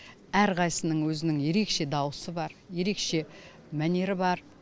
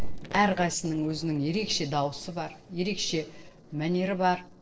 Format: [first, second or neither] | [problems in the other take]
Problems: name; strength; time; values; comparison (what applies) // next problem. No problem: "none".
first | noise reduction (neural separator model SepFormer DNS4)